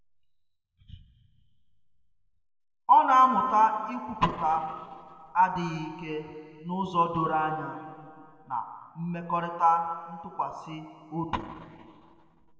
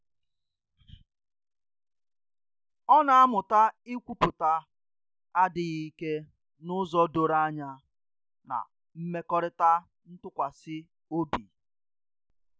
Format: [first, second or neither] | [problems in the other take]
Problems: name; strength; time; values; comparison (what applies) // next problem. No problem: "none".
second | room echo; dies away in 2.3 s